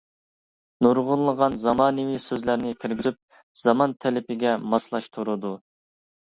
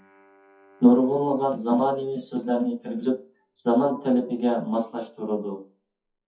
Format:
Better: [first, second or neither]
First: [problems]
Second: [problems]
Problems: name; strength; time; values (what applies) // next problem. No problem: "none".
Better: first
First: none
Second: noise reduction (classical method WPE with log-MMSE)